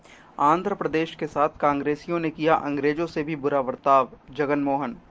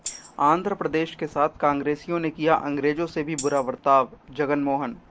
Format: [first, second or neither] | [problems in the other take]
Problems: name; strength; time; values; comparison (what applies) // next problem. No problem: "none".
first | background sound (Tambourine); 17 dB below the speech